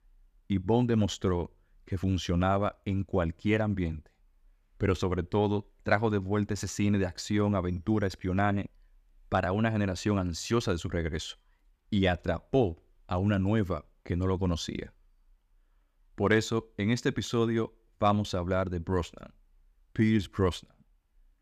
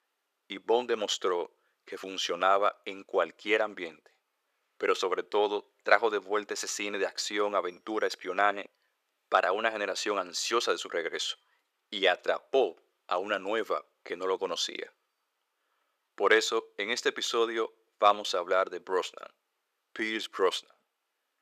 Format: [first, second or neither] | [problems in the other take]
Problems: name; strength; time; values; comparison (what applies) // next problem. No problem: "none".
first | thin; very; fading below 450 Hz